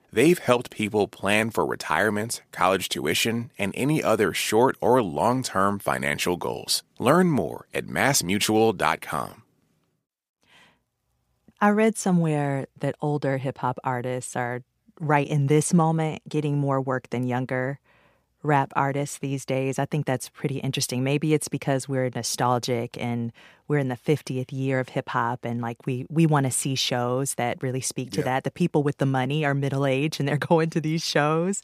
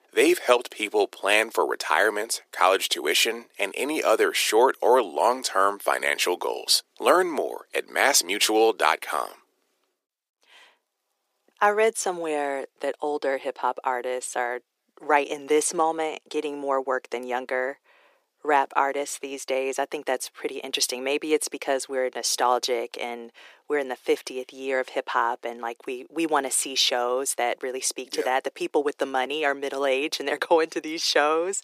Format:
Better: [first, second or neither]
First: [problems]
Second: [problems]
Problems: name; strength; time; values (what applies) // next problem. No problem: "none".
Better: first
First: none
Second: thin; very; fading below 350 Hz